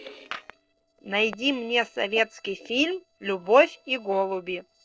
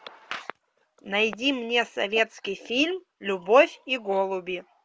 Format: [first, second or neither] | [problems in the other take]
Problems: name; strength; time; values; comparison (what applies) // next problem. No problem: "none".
second | noise reduction (neural separator model SepFormer DNS4)